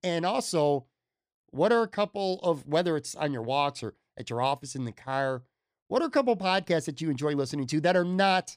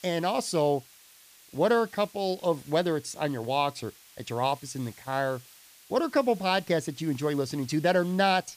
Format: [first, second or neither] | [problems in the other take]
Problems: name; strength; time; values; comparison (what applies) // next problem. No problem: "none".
first | hiss; faint; throughout; 25 dB below the speech